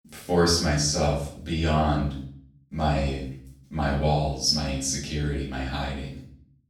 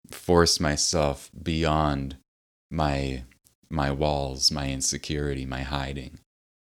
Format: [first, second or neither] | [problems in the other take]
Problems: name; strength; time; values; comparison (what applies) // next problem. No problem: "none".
second | room echo; noticeable; dies away in 0.5 s // off-mic speech; far